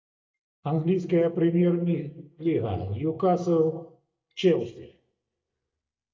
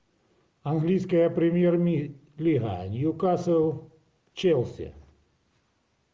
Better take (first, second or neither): second